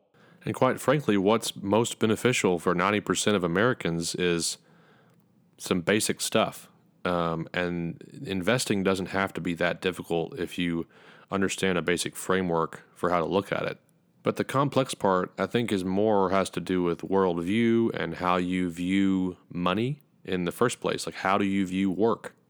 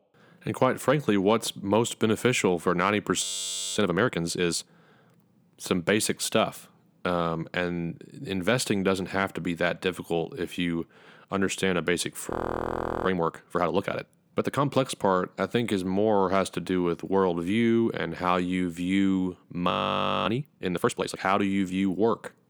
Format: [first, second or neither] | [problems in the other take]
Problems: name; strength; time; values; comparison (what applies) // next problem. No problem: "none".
first | audio freezing; at 3 s for 0.5 s, at 12 s for 1 s and at 20 s for 0.5 s